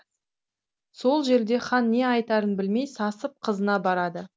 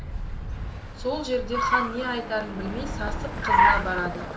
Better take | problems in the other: first | background sound (Car); 4 dB above the speech // room echo; dies away in 0.4 s

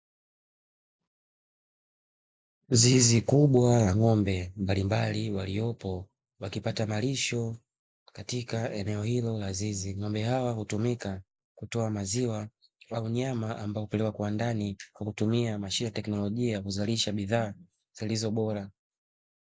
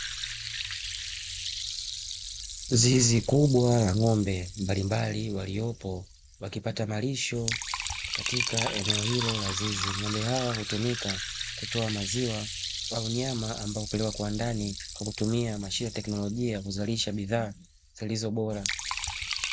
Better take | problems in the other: first | background sound (Liquid); 6 dB below the speech

